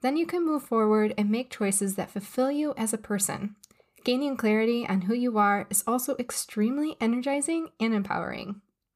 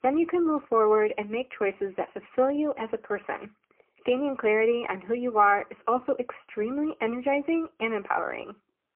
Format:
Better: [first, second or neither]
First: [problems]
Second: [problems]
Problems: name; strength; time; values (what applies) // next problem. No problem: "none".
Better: first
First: none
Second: phone-call audio; poor line; nothing above 3 kHz